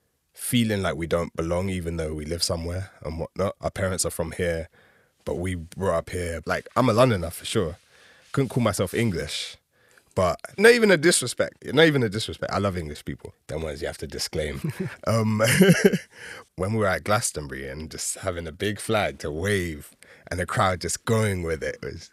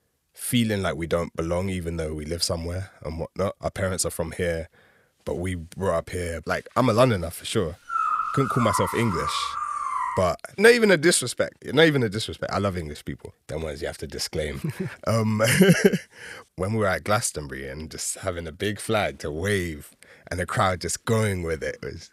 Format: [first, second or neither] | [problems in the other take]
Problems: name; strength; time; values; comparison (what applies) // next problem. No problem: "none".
first | dog barking; loud; from 8 to 10 s; peak 1 dB above the speech